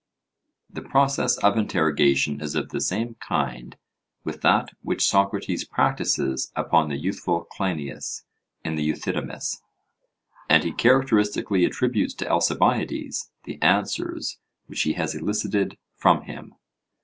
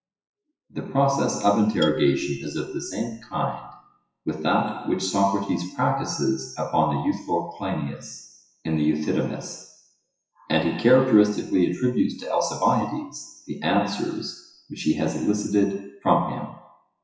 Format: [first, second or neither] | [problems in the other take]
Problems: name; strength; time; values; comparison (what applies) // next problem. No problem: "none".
first | noise reduction (classical method WPE with log-MMSE)